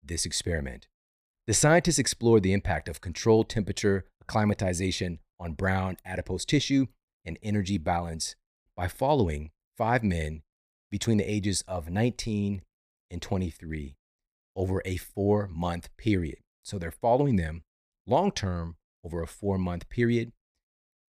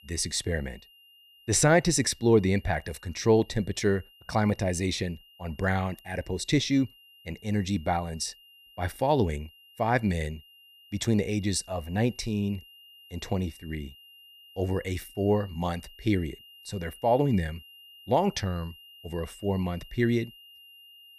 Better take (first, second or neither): first